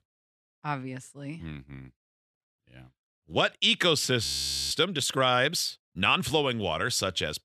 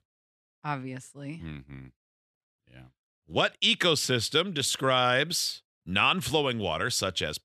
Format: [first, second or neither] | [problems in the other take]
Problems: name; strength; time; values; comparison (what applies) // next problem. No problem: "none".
second | audio freezing; at 4 s